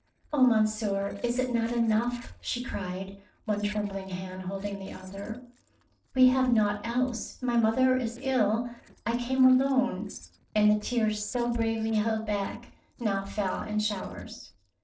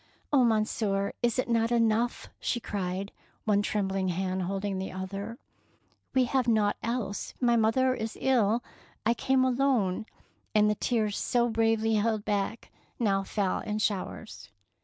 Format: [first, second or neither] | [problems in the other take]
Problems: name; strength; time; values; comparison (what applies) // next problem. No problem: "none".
second | noise reduction (neural separator model SepFormer DNS4)